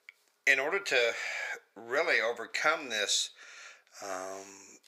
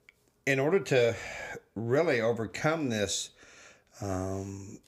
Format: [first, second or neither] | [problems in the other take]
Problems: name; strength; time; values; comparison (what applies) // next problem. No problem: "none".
second | thin; very; fading below 650 Hz